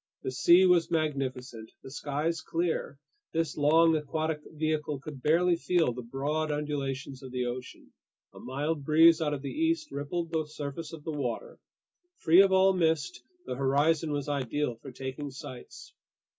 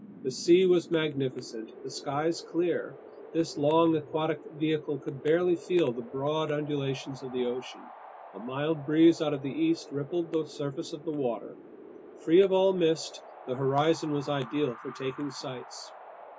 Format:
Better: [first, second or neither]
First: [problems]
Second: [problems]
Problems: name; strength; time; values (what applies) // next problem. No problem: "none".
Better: first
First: none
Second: background sound (Wind); 18 dB below the speech